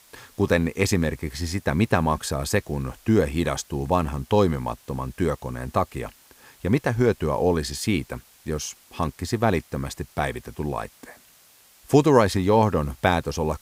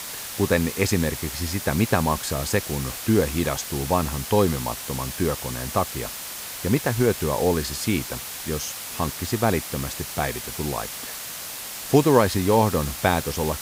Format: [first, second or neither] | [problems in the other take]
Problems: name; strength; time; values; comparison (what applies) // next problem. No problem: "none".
first | hiss; loud; throughout; 7 dB below the speech; faint in the first